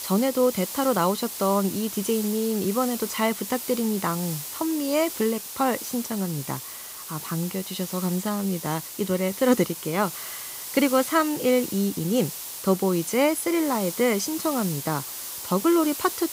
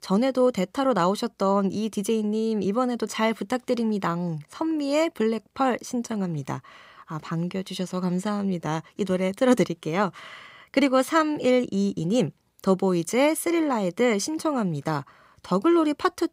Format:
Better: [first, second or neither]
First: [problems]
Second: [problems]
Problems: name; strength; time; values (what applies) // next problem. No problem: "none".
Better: second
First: hiss; loud; throughout; 8 dB below the speech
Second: none